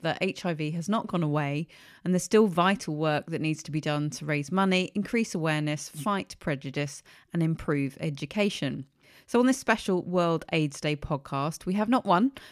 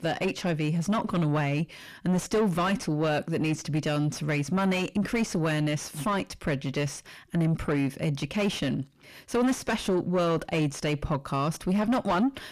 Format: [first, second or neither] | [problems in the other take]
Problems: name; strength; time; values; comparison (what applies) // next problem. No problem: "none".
first | distortion; heavy; 6 dB below the speech